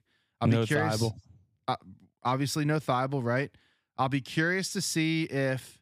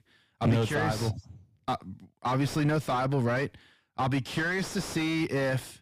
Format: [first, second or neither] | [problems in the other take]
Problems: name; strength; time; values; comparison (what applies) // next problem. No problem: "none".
first | distortion; heavy; 7 dB below the speech